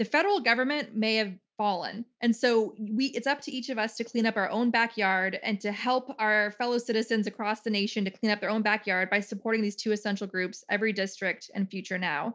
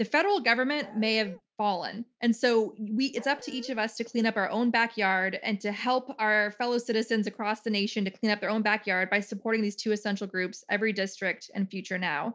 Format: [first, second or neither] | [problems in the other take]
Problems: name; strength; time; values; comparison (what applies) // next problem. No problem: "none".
first | background sound (Dog); 19 dB below the speech